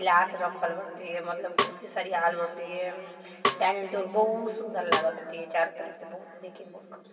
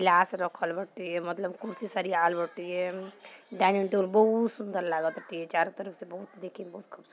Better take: second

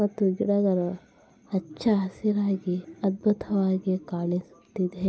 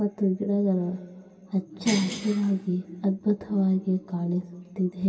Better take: first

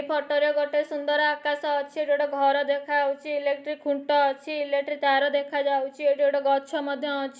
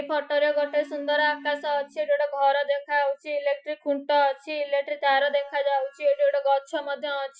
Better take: first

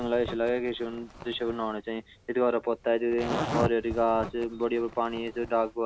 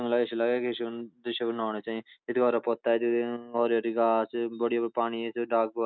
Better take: second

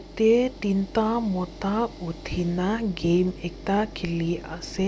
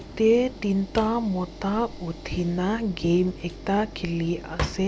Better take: first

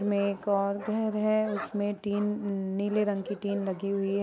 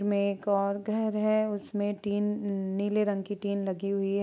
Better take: second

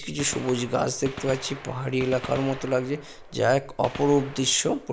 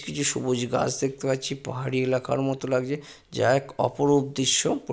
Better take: second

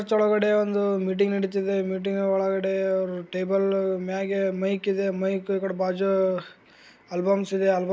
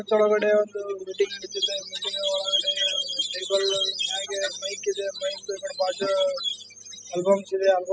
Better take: first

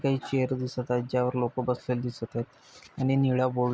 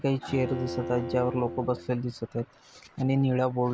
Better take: first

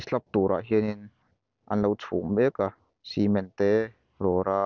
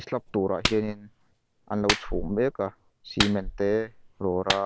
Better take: first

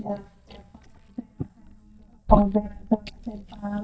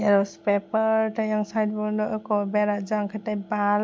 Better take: second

